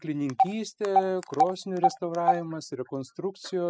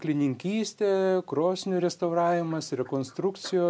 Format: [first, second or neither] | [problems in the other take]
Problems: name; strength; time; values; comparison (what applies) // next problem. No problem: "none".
second | noise reduction (classical method spectral subtraction)